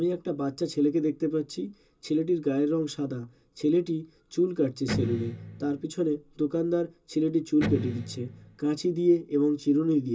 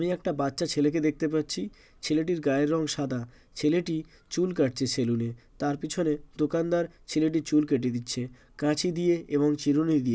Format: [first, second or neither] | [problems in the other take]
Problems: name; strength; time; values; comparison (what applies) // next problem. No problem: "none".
second | background sound (Electric guitar); 6 dB below the speech // room echo; dies away in 0.2 s